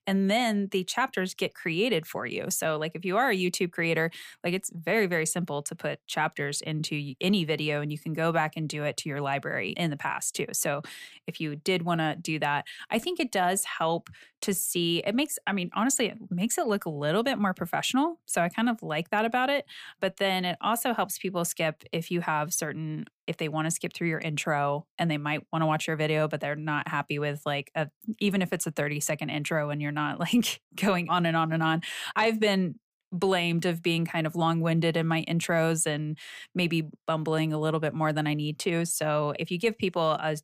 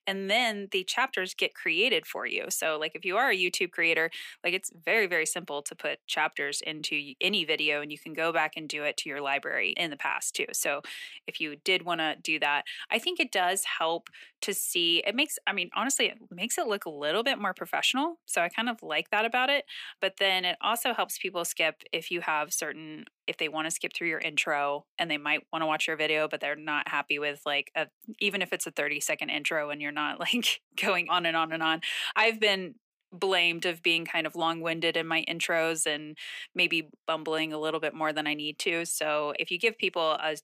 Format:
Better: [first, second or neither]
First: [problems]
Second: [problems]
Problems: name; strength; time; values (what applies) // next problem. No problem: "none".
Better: first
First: none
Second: thin; somewhat; fading below 300 Hz